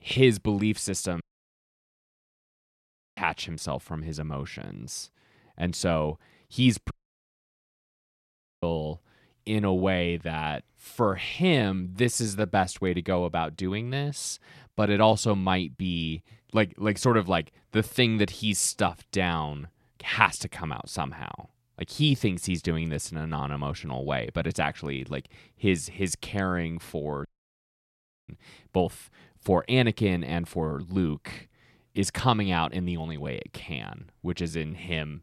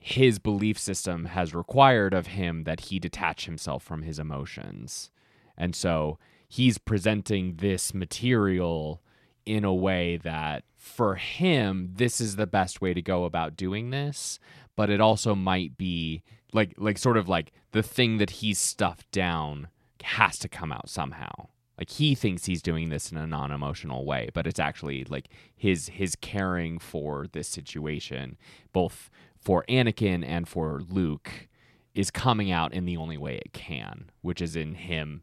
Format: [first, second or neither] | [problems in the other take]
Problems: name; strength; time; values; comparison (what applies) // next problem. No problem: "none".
second | audio cutting out; at 1 s for 2 s, at 7 s for 1.5 s and at 27 s for 1 s